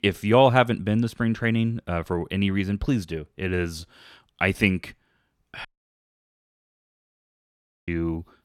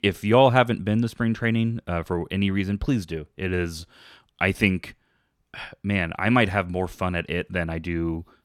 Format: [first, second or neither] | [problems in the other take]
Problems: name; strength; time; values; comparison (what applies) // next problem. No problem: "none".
second | audio cutting out; at 5.5 s for 2 s